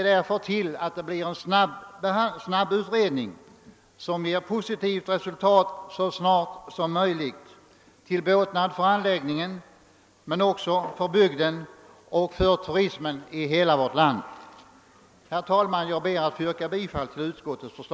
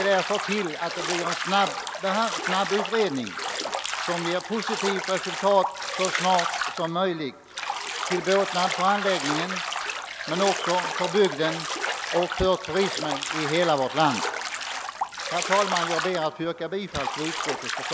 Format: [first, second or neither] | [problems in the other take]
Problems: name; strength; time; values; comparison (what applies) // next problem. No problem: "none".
first | background sound (Bathtub (filling or washing)); 4 dB below the speech